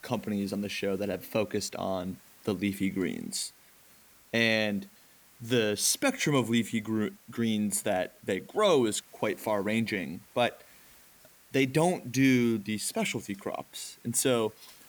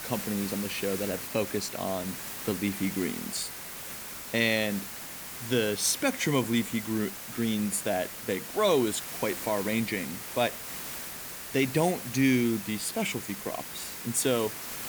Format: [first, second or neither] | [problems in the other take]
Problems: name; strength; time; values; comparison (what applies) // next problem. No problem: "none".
first | hiss; loud; throughout; 7 dB below the speech; faint in the first